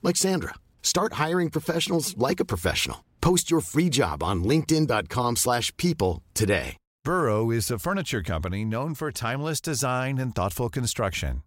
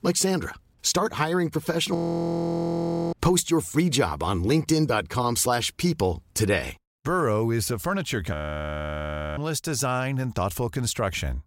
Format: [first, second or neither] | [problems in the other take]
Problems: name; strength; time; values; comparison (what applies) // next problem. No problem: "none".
first | audio freezing; at 2 s for 1 s and at 8.5 s for 1 s